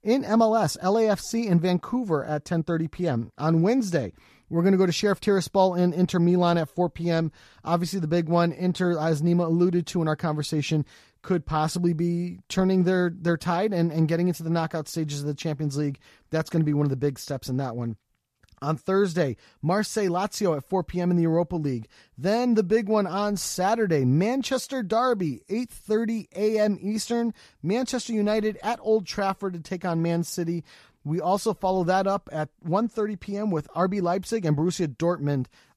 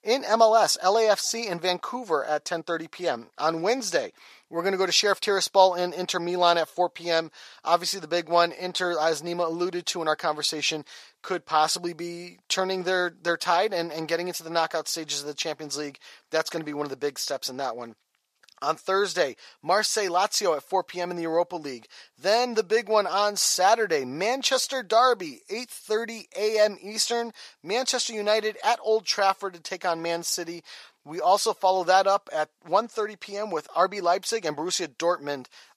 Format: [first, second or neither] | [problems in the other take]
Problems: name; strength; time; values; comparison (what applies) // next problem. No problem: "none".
first | thin; very; fading below 650 Hz